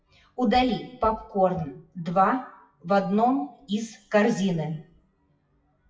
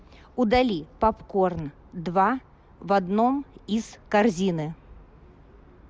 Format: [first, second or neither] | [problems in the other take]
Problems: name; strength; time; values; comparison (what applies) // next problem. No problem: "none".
second | noise reduction (classical method WPE with log-MMSE)